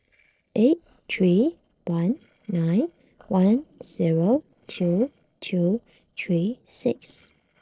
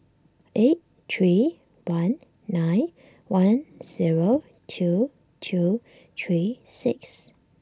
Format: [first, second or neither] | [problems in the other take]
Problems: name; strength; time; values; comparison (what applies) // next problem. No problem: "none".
second | noise reduction (neural separator model SepFormer DNS4)